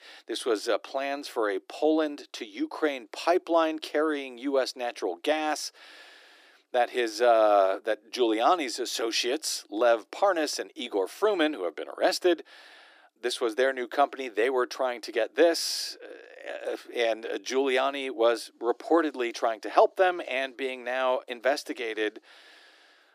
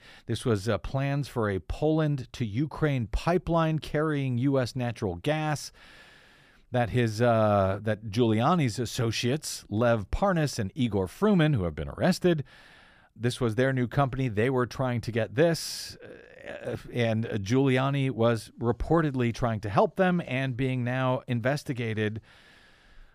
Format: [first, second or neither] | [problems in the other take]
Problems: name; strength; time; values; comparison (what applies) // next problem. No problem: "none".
second | thin; very; fading below 300 Hz